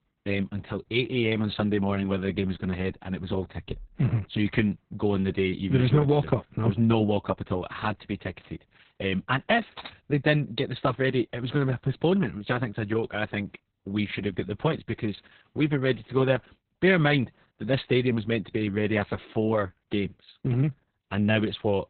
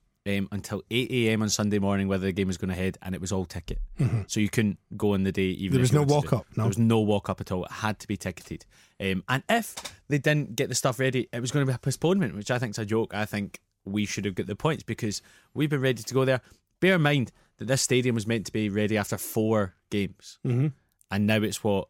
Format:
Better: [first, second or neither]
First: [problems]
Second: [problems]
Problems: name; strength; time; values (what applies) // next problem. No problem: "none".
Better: second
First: garbled, watery; badly; nothing above 4 kHz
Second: none